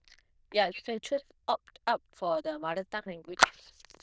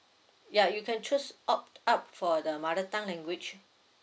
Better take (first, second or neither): second